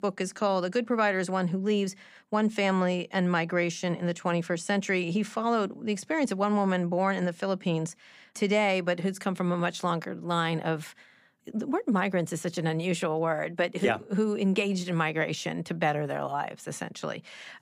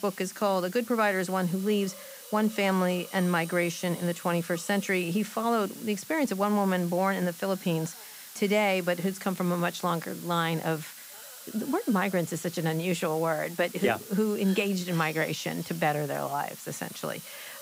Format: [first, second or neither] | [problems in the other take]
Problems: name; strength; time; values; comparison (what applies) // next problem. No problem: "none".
first | hiss; noticeable; throughout; 15 dB below the speech